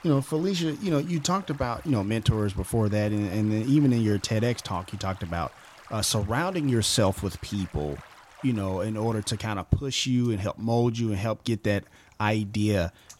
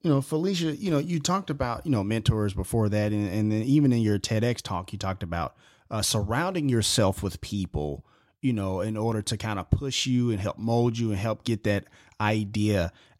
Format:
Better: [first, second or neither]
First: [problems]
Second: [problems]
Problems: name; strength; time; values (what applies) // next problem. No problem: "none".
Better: second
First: rain or running water; faint; throughout; 25 dB below the speech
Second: none